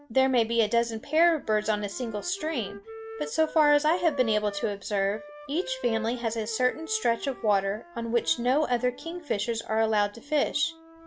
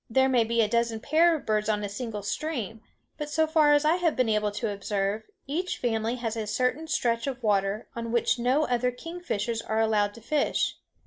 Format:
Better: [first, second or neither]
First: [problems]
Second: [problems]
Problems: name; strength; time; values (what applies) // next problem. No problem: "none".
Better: second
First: background sound (Wind instrument, woodwind instrument); 17 dB below the speech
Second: none